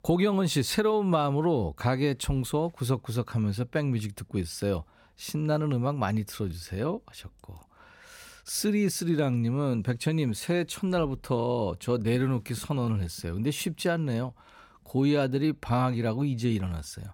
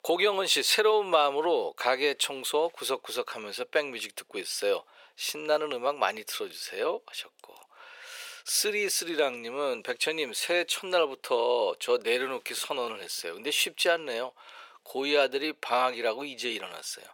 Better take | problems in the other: first | thin; very; fading below 450 Hz

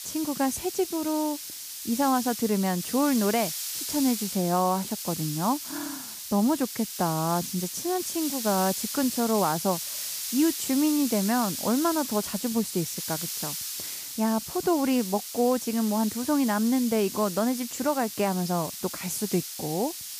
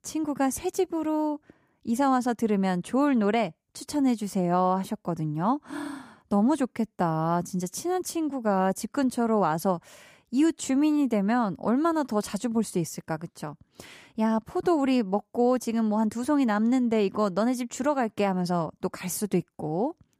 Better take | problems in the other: second | hiss; loud; throughout; 6 dB below the speech

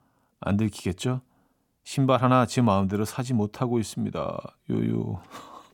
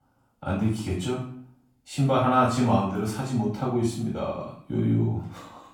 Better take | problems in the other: first | off-mic speech; far // room echo; noticeable; dies away in 0.5 s

